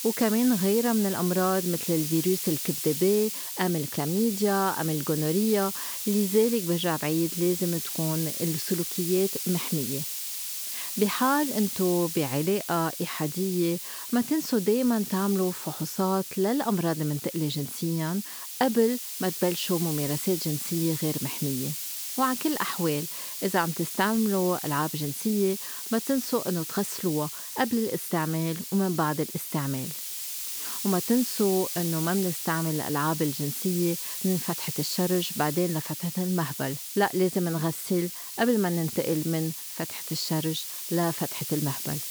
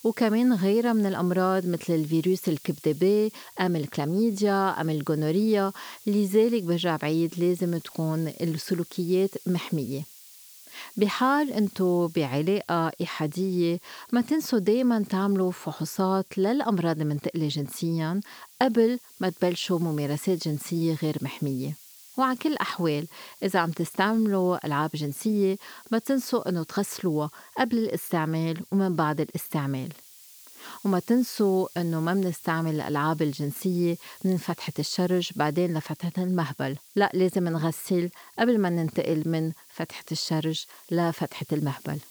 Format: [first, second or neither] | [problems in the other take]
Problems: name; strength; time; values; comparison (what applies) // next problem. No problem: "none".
second | hiss; loud; throughout; 4 dB below the speech; faint in the second